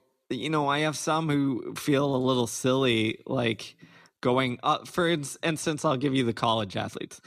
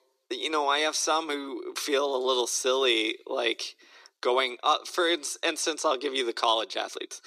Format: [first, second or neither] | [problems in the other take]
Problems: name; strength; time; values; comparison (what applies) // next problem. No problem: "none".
first | thin; very; fading below 350 Hz